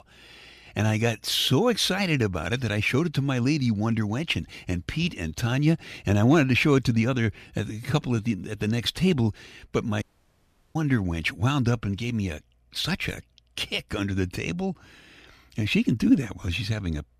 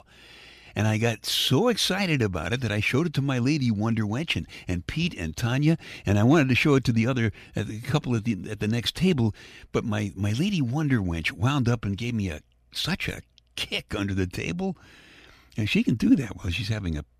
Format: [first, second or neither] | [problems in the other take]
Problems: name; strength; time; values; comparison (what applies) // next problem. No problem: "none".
second | audio cutting out; at 10 s for 0.5 s